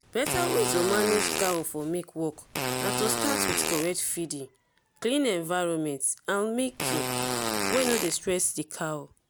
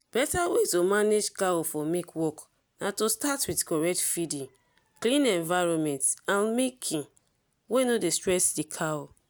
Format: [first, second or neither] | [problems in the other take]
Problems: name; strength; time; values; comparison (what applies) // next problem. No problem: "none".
second | background sound (Fart); 1 dB below the speech